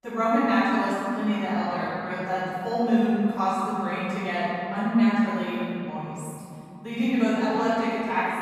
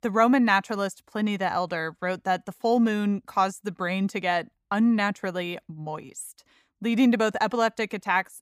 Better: second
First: room echo; strong; dies away in 3 s // off-mic speech; far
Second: none

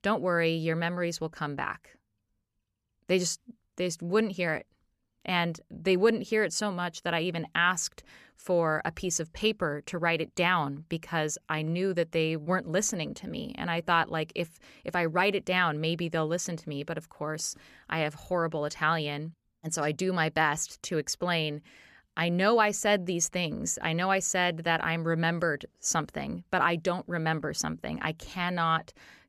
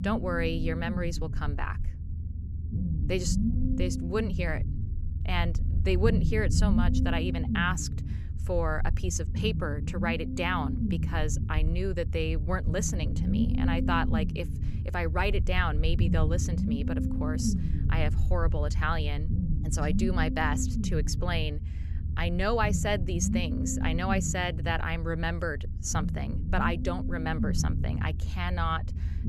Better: first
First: none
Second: low rumble; loud; throughout; 9 dB below the speech

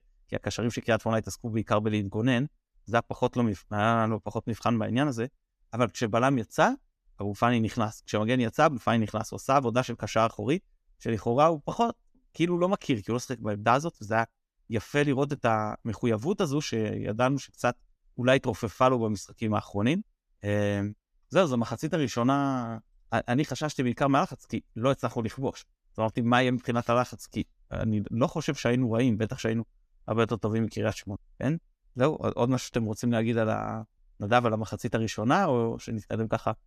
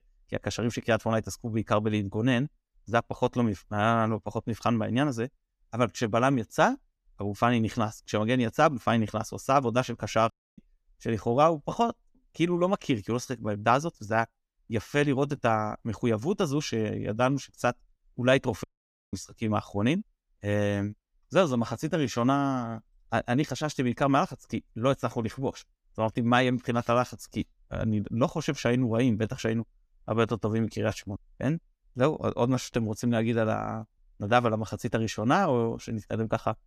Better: first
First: none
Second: audio cutting out; at 10 s and at 19 s

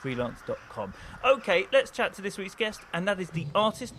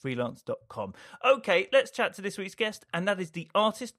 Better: second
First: animal sounds; noticeable; throughout; 20 dB below the speech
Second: none

